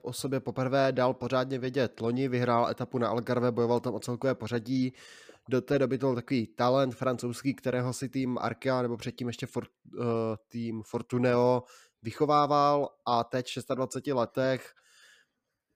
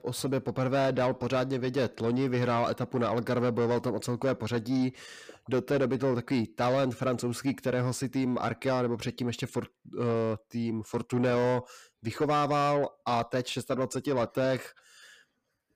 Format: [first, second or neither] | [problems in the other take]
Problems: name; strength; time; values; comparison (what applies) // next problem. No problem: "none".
first | distortion; slight; 10 dB below the speech